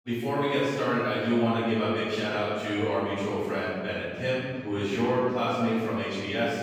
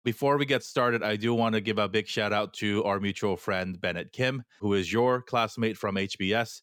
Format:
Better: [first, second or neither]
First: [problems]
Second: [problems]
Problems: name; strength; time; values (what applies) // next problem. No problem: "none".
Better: second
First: off-mic speech; far // room echo; strong; dies away in 1.7 s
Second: none